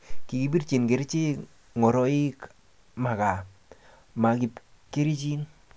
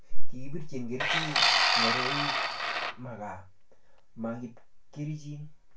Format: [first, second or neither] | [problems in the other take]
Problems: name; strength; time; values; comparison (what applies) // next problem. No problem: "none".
first | background sound (Tools); 2 dB below the speech // room echo; dies away in 0.2 s